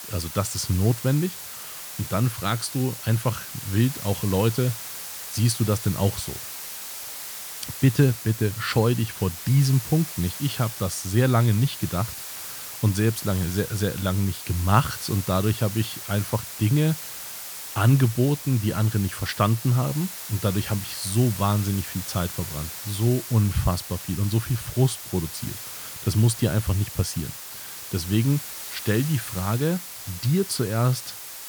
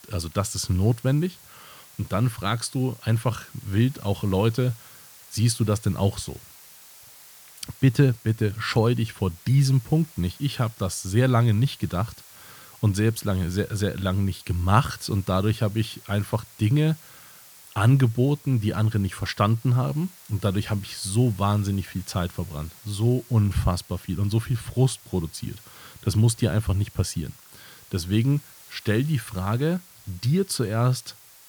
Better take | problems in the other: second | hiss; loud; throughout; 9 dB below the speech; faint in the second

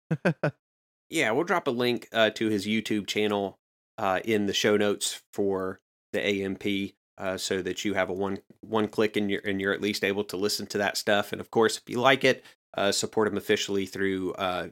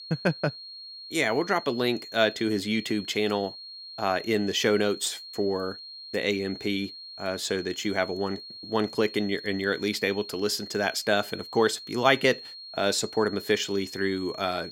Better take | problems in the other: first | high-pitched whine; noticeable; throughout; 4.5 kHz, 15 dB below the speech

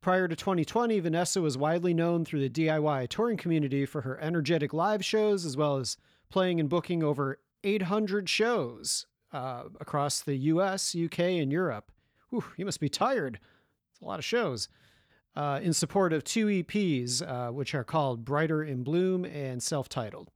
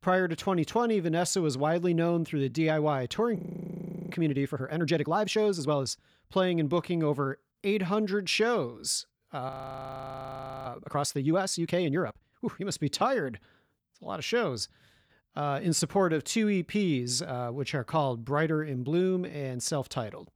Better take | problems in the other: first | audio freezing; at 3.5 s for 0.5 s and at 9.5 s for 1 s

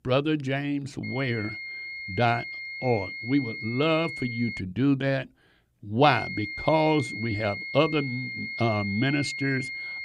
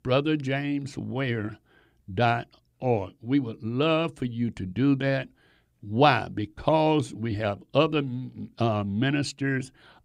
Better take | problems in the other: second | high-pitched whine; loud; from 1 to 4.5 s and from 6 s on; 2 kHz, 7 dB below the speech

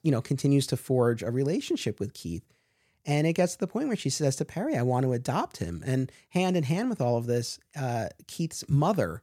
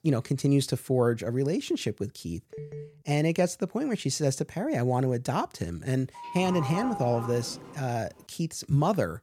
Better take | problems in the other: first | phone ringing; faint; at 2.5 s; peak 10 dB below the speech // doorbell; noticeable; from 6 to 8 s; peak 6 dB below the speech

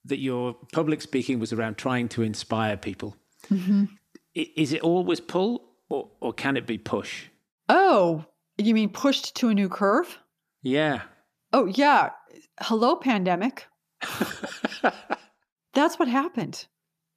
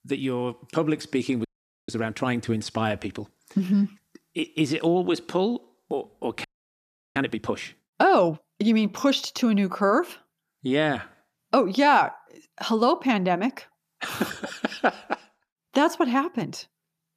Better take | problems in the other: first | audio freezing; at 1.5 s and at 6.5 s for 0.5 s

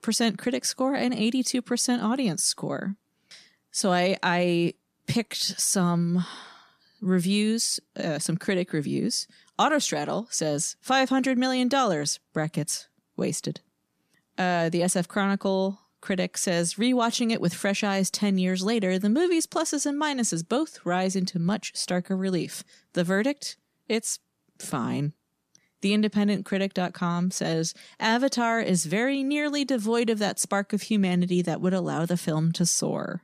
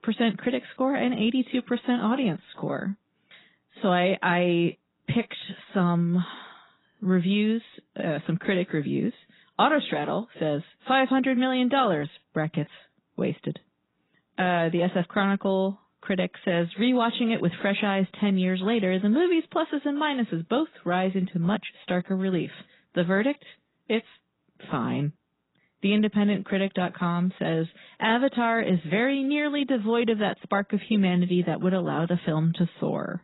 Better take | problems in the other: first | garbled, watery; badly; nothing above 4 kHz

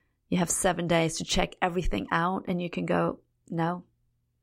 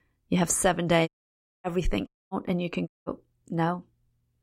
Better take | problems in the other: first | audio cutting out; at 1 s for 0.5 s, at 2 s and at 3 s

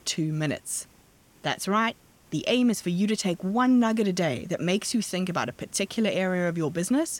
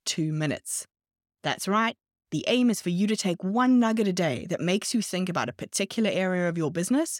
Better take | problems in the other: second | hiss; faint; throughout; 30 dB below the speech

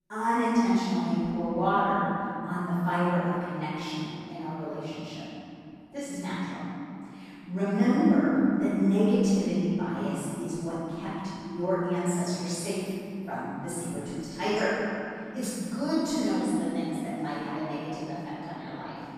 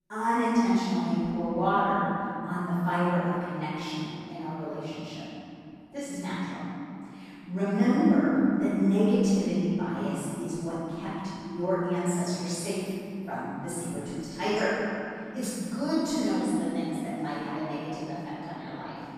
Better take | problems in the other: neither | room echo; strong; dies away in 2.9 s; the same in both // off-mic speech; far; the same in both

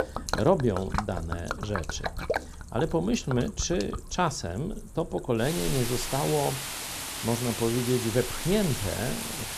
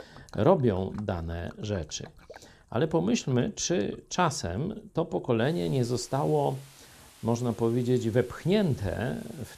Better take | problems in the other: second | rain or running water; loud; throughout; 5 dB below the speech; faint in the second

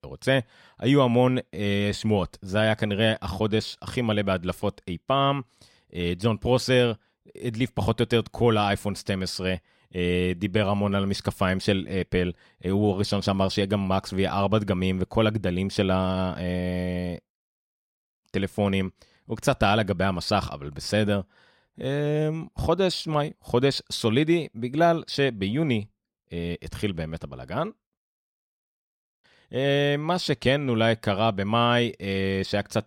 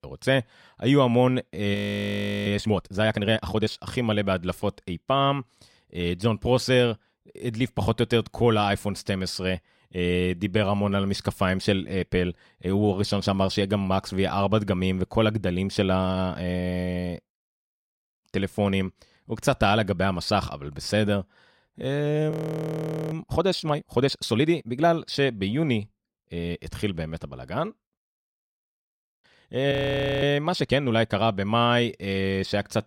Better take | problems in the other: first | audio freezing; at 2 s for 0.5 s, at 22 s for 1 s and at 30 s for 0.5 s

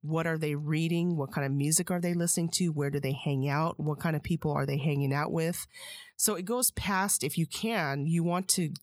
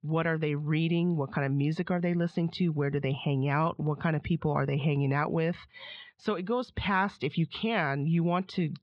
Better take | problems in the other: first | muffled; very; fading above 3.5 kHz

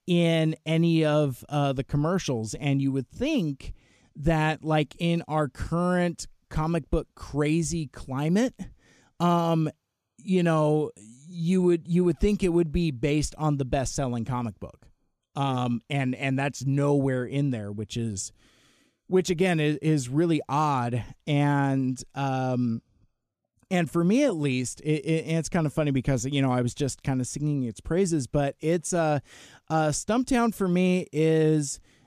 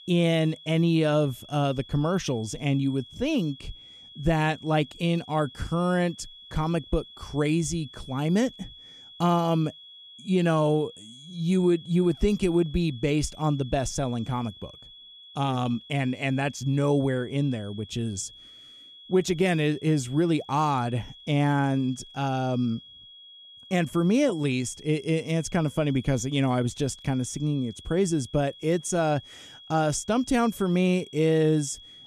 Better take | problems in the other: first | high-pitched whine; noticeable; throughout; 3.5 kHz, 20 dB below the speech

